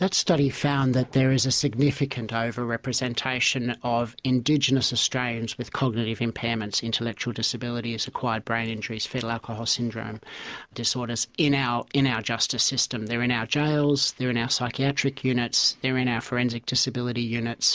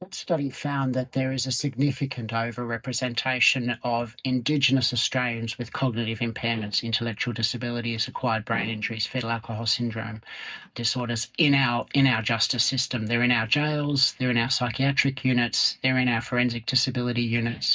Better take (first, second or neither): first